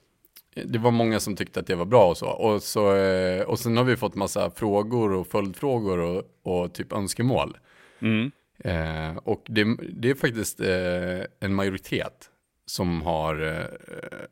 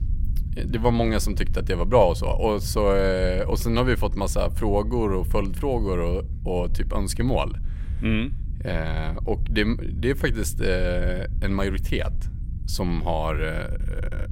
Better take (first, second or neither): first